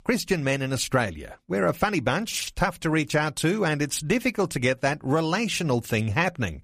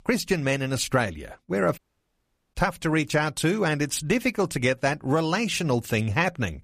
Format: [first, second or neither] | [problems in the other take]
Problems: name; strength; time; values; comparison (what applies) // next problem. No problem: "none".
first | audio cutting out; at 2 s for 1 s